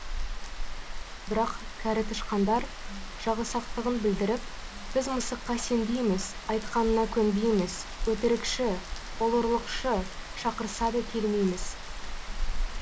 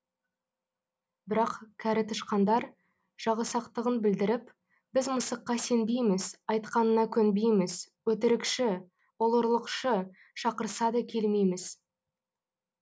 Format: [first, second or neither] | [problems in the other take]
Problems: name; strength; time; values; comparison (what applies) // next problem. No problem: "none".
second | background sound (Rain); 5 dB below the speech